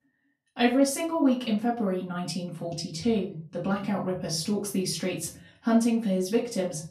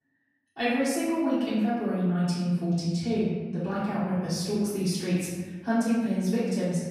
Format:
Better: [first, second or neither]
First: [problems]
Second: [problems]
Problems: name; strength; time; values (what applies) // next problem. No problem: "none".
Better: first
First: room echo; slight; dies away in 0.3 s // off-mic speech; far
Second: room echo; strong; dies away in 1.2 s // off-mic speech; far